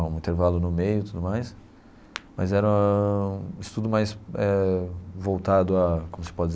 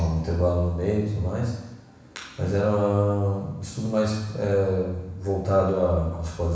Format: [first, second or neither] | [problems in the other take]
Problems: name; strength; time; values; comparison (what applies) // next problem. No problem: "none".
first | room echo; dies away in 1.1 s